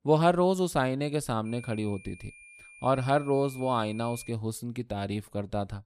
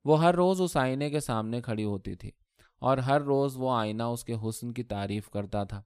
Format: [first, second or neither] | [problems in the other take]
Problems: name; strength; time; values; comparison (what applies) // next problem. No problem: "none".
second | high-pitched whine; noticeable; from 1.5 to 4.5 s; 2.5 kHz, 20 dB below the speech